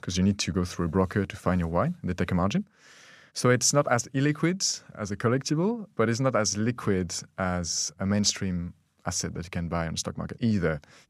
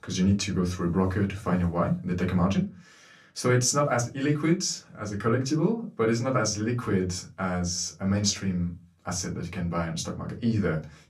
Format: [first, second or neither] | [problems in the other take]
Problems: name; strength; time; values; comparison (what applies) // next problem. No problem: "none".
first | off-mic speech; far // room echo; very slight; dies away in 0.2 s